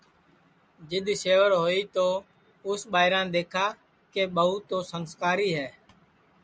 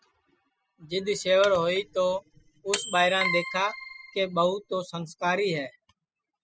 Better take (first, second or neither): first